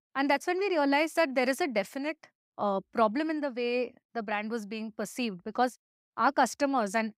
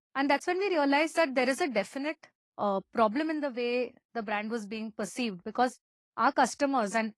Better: first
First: none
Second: garbled, watery; slightly; nothing above 11.5 kHz

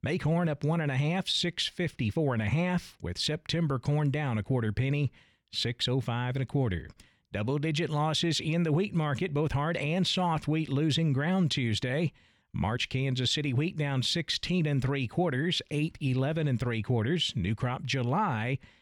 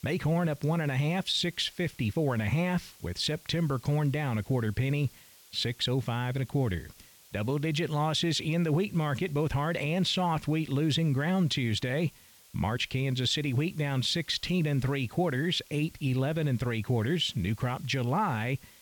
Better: first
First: none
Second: hiss; faint; throughout; 25 dB below the speech

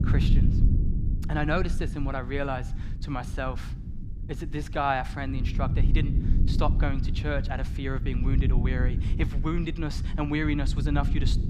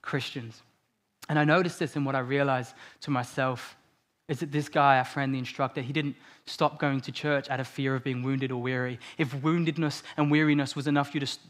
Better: second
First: low rumble; noticeable; throughout; 10 dB below the speech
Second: none

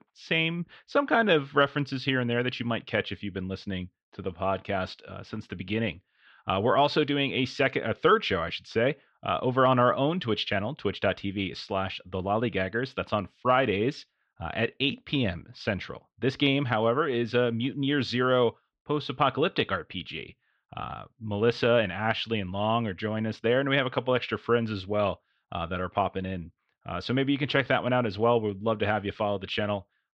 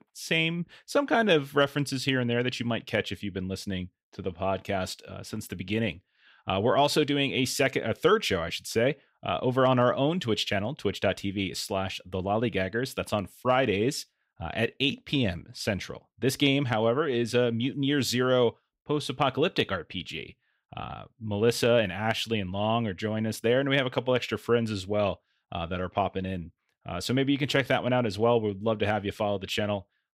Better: second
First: muffled; very slightly; fading above 4 kHz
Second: none

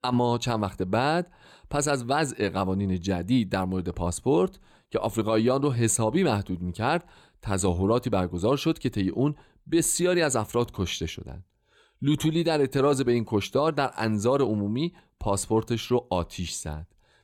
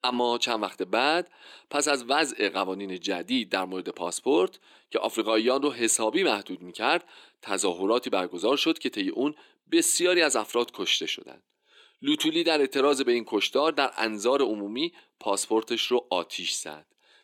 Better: first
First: none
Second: thin; very slightly; fading below 300 Hz

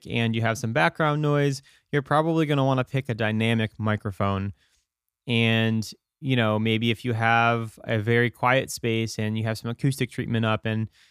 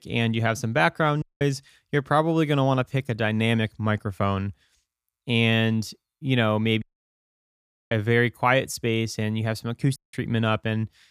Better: first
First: none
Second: audio cutting out; at 1 s, at 7 s for 1 s and at 10 s

